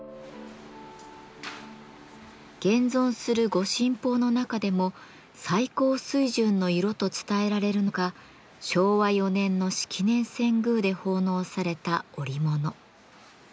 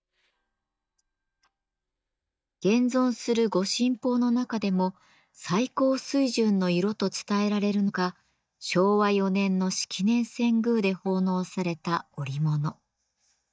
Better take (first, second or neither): first